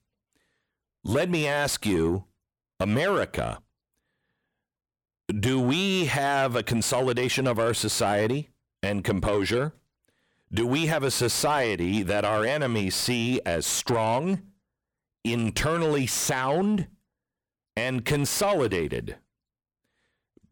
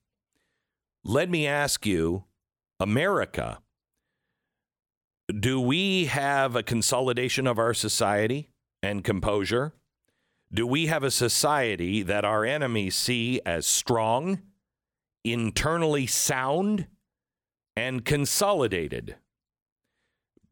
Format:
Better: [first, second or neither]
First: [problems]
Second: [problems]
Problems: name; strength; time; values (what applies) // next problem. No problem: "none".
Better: second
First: distortion; slight; 10 dB below the speech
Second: none